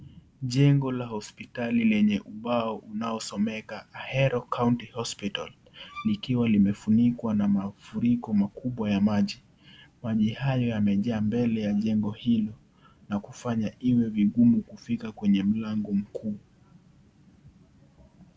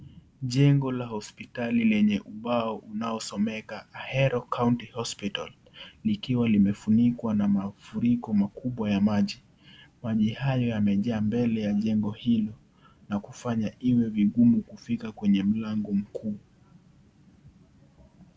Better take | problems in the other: second | background sound (Bowed string instrument); 18 dB below the speech

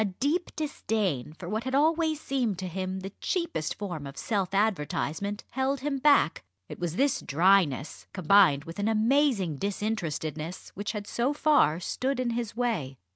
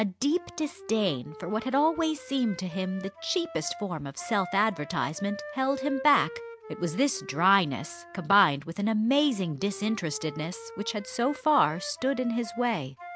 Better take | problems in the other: first | background sound (Wind instrument, woodwind instrument); 16 dB below the speech

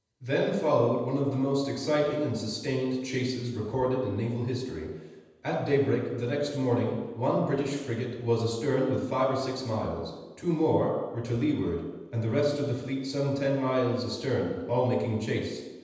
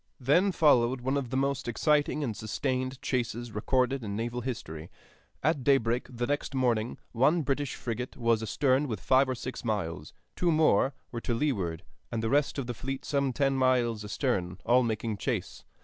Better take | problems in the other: second | room echo; dies away in 1.1 s

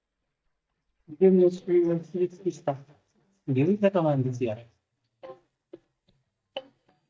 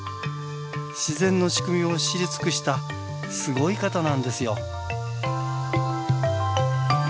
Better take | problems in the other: second | noise reduction (neural mask model DeepFilterNet 3)

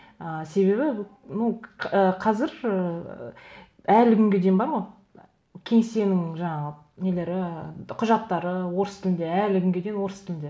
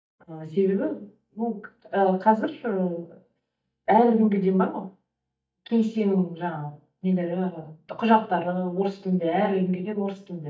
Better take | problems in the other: first | noise reduction (neural mask model DeepFilterNet 3)

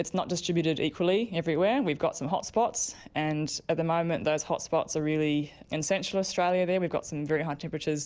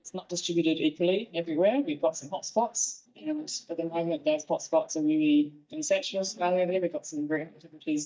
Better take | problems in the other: first | noise reduction (neural mask model DeepFilterNet 3)

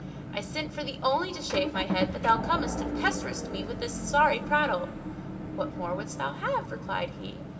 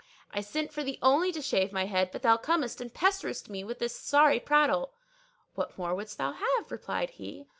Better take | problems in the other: second | background sound (Motor vehicle (road) / Engine); 5 dB below the speech // room echo; dies away in 2.1 s

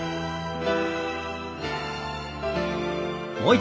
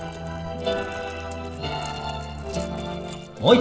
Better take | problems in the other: first | noise reduction (neural separator model SepFormer DNS4)

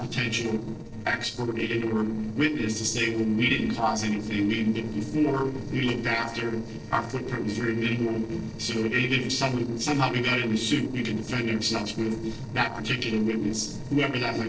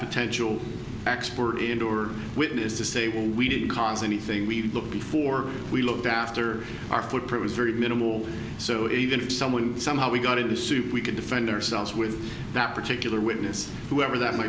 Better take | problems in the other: second | noise reduction (neural separator model SepFormer DNS4)

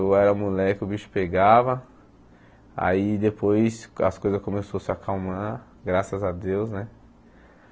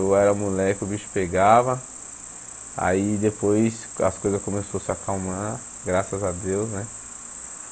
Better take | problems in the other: first | background sound (Cricket); 12 dB below the speech

